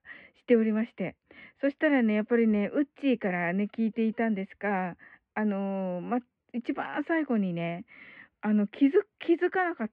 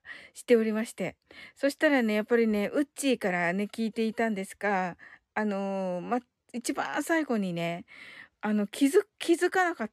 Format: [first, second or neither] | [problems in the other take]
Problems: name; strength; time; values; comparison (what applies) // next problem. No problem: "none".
second | muffled; very; fading above 2.5 kHz